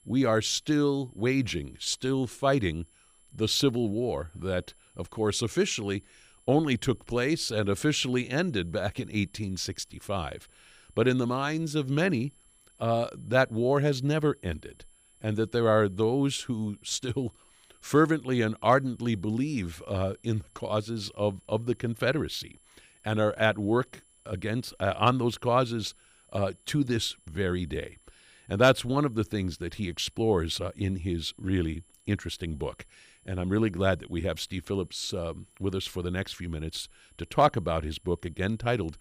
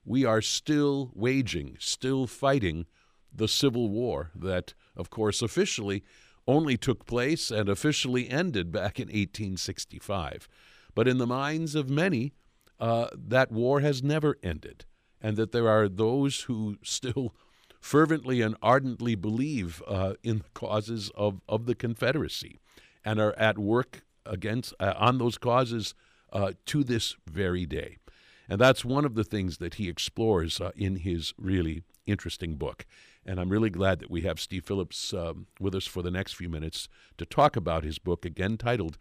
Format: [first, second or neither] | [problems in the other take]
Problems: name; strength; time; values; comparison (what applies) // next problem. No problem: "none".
second | high-pitched whine; faint; throughout; 10.5 kHz, 30 dB below the speech